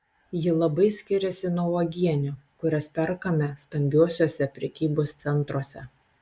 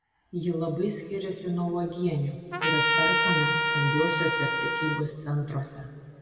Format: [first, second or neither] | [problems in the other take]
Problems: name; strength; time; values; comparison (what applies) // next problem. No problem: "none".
first | background sound (Trumpet); 3 dB above the speech // room echo; dies away in 2 s